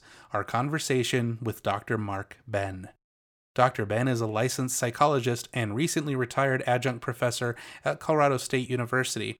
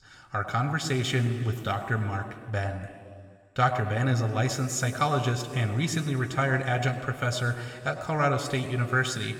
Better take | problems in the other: first | room echo; slight; dies away in 2.1 s

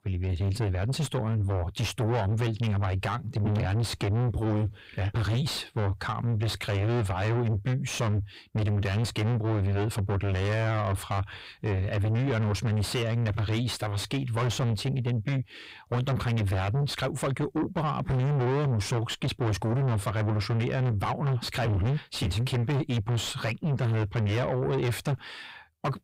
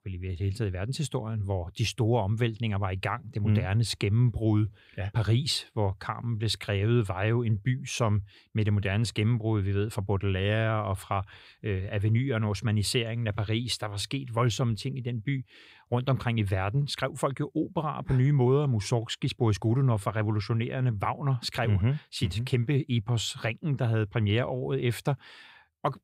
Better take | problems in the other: second | distortion; heavy; 6 dB below the speech

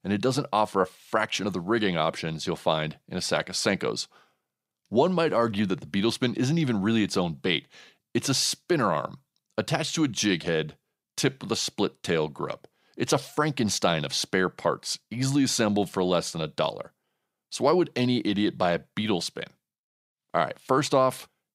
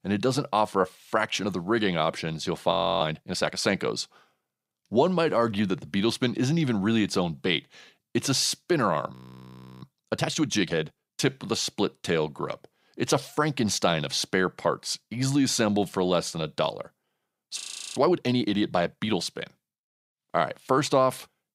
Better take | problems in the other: first | audio freezing; at 2.5 s, at 9 s for 0.5 s and at 18 s

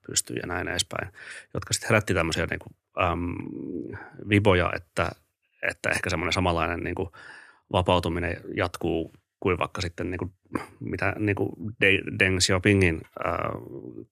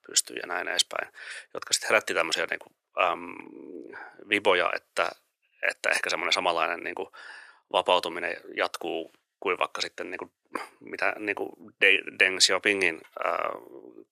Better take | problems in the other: first | thin; very; fading below 550 Hz

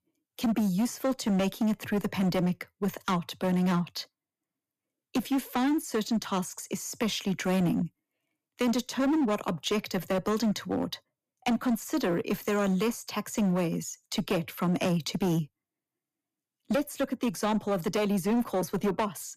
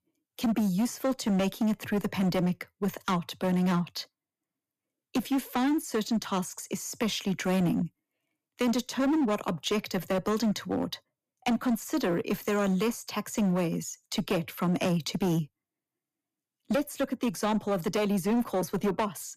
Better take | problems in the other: neither | distortion; slight; 13% of the sound clipped; the same in both

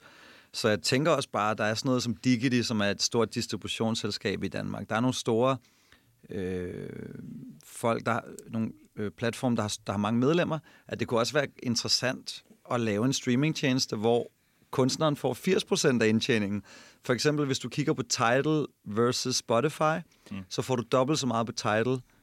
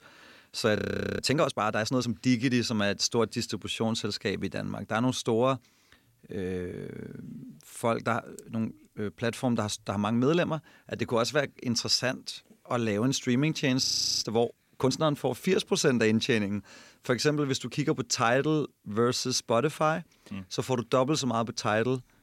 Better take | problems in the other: first | audio freezing; at 1 s and at 14 s

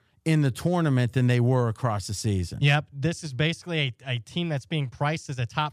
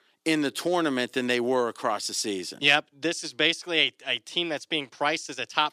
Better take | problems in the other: first | thin; somewhat; fading below 300 Hz

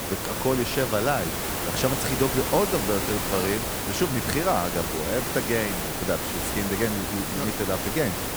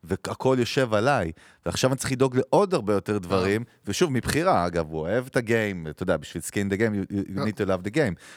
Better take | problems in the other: second | hiss; loud; throughout; as loud as the speech

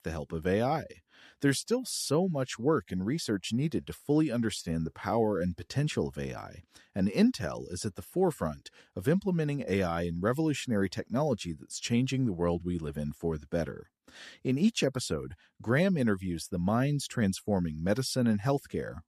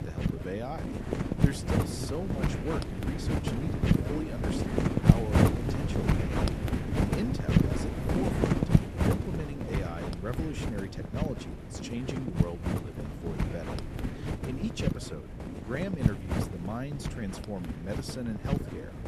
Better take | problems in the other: first | wind noise on the microphone; heavy; 4 dB above the speech

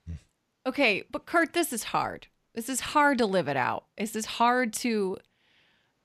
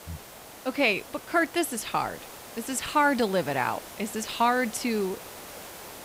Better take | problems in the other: first | hiss; noticeable; throughout; 15 dB below the speech

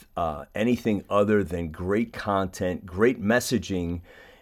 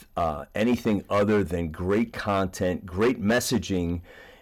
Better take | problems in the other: first | distortion; slight; 5% of the sound clipped

